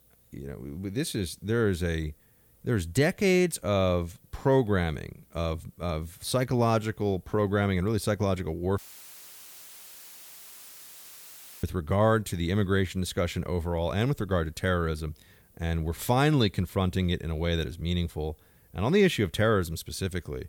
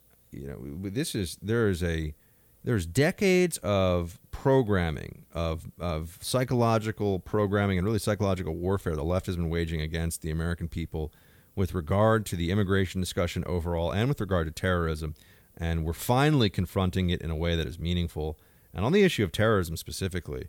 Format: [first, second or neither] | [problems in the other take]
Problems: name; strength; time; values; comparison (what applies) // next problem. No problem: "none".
second | audio cutting out; filled with static; at 9 s for 3 s